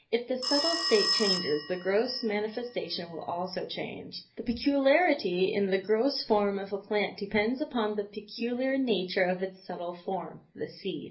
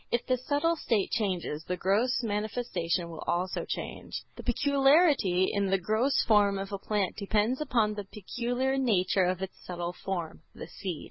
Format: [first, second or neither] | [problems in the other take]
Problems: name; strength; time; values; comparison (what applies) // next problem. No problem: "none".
second | background sound (Telephone); 5 dB below the speech // room echo; dies away in 0.3 s